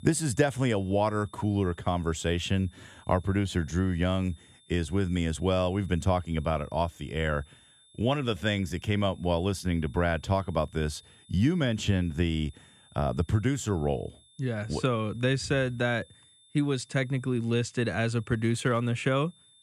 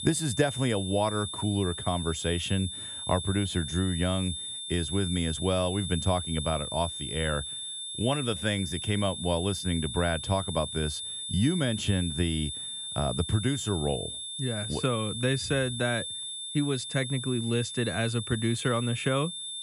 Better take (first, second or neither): first